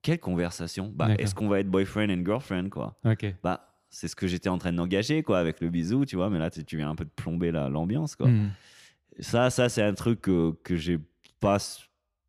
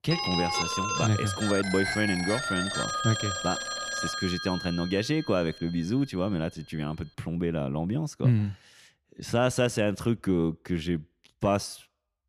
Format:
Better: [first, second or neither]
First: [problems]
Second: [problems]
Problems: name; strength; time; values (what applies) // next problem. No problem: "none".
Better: first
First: none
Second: phone ringing; loud; until 5 s; peak 2 dB above the speech